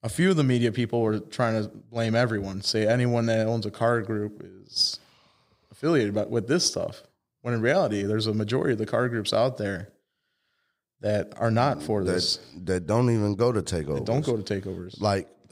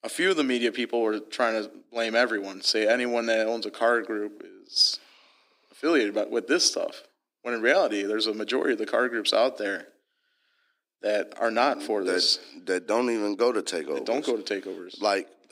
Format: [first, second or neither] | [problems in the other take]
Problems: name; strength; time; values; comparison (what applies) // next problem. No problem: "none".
first | thin; somewhat; fading below 250 Hz